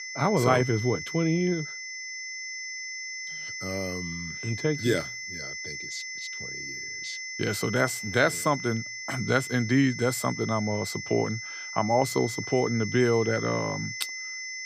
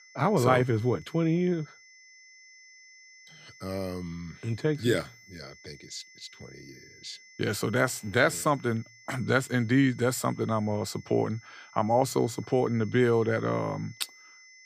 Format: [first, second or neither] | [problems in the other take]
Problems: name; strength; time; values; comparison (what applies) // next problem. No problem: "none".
second | high-pitched whine; loud; throughout; 2 kHz, 7 dB below the speech; faint in the second